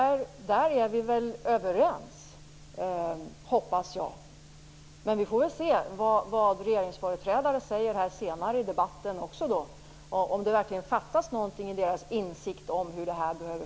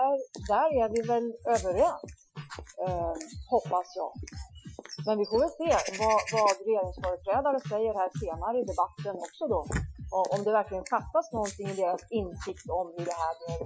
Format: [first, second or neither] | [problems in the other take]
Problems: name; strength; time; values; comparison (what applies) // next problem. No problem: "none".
first | noise reduction (classical method Wiener filter)